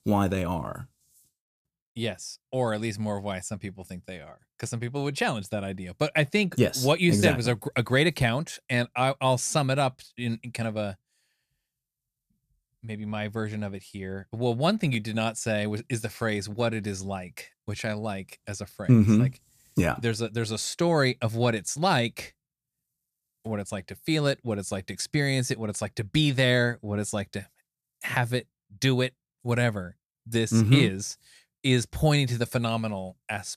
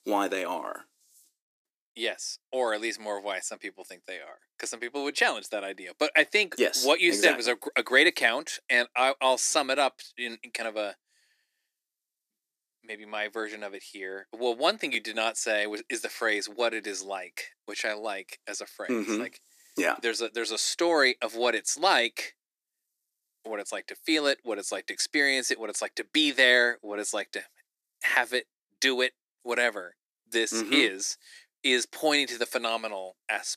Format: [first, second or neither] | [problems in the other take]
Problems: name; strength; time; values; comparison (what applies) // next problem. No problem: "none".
first | thin; very; fading below 300 Hz